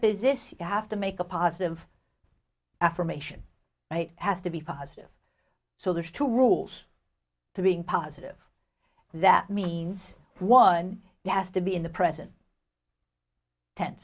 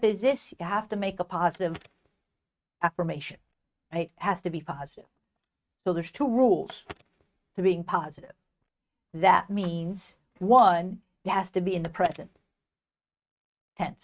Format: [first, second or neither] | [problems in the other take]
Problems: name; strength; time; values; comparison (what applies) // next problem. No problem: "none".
first | noise reduction (neural mask model RNNoise)